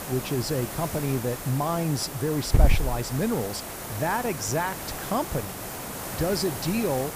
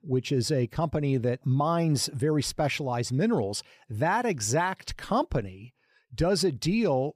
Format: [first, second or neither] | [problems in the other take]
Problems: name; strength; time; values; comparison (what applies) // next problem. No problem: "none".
second | hiss; loud; throughout; 3 dB below the speech